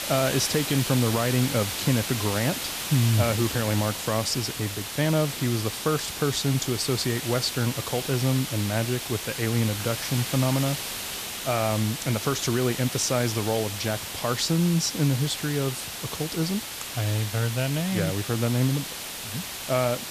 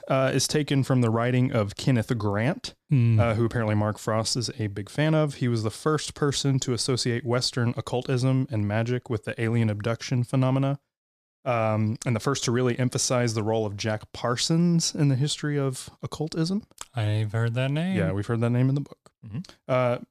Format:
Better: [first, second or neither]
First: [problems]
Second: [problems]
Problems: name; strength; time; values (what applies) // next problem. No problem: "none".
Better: second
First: hiss; loud; throughout; 5 dB below the speech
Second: none